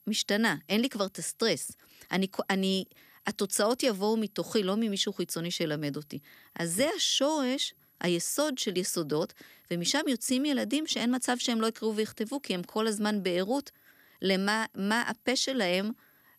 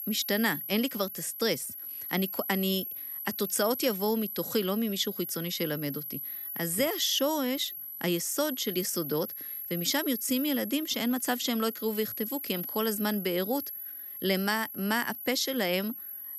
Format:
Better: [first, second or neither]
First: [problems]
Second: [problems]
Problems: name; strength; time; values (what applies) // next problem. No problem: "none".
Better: first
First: high-pitched whine; faint; throughout; 11.5 kHz, 30 dB below the speech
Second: high-pitched whine; loud; throughout; 11.5 kHz, 6 dB below the speech